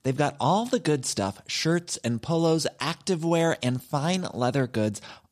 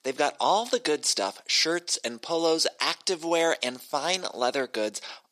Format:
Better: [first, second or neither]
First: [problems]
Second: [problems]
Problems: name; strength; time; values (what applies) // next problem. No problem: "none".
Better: first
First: none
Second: thin; somewhat; fading below 350 Hz